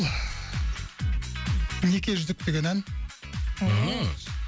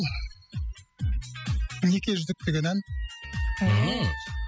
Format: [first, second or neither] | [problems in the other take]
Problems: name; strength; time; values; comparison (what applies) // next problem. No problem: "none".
first | noise reduction (classical method spectral subtraction)